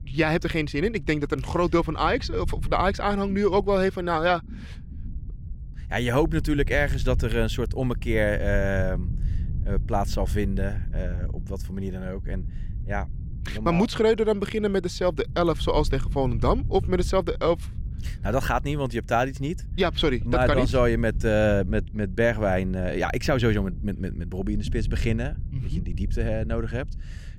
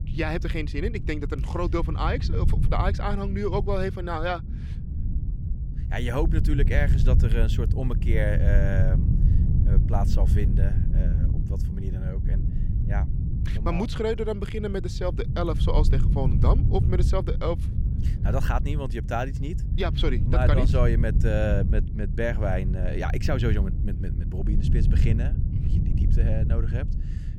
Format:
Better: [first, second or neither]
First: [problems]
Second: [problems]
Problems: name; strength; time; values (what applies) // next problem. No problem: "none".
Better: first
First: wind noise on the microphone; occasional gusts; 25 dB below the speech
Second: wind noise on the microphone; heavy; 9 dB below the speech